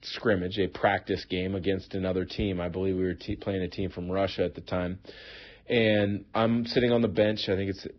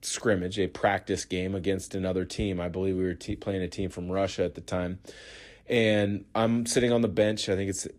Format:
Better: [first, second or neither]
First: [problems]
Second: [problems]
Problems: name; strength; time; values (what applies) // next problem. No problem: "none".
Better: second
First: garbled, watery; badly; nothing above 5.5 kHz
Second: garbled, watery; slightly